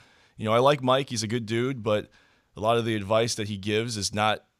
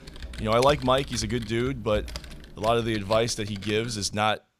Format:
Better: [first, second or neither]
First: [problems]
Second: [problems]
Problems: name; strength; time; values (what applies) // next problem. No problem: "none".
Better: first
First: none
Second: keyboard typing; noticeable; peak 8 dB below the speech